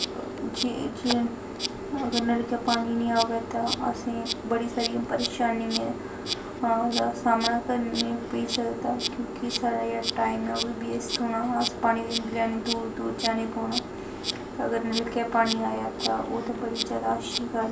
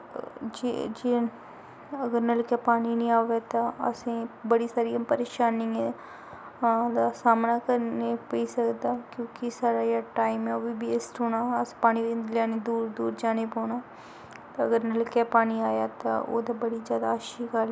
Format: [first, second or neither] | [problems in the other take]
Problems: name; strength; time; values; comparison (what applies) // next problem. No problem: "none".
second | background sound (Insect); 5 dB below the speech // room echo; dies away in 0.2 s